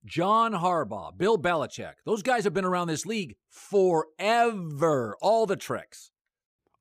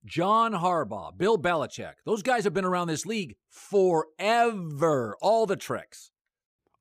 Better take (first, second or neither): neither